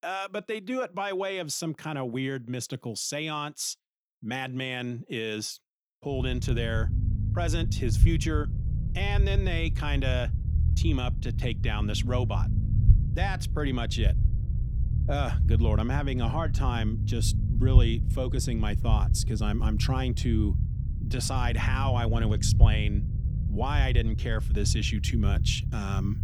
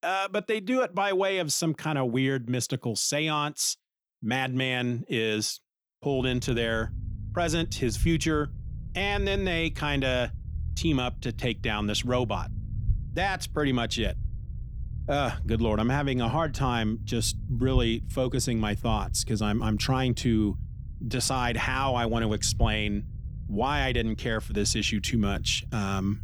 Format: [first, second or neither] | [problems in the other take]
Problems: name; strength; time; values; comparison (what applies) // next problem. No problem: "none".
second | low rumble; loud; from 6 s on; 10 dB below the speech; faint in the second